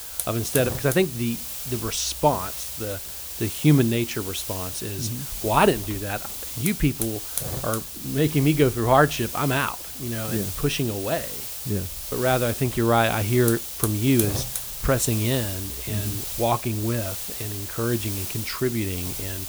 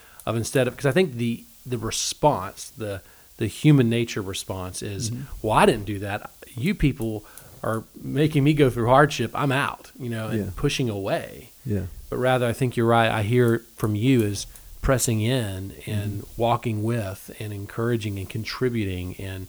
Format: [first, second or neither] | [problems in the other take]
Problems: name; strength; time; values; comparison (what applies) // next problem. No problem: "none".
second | hiss; loud; throughout; 5 dB below the speech; faint in the second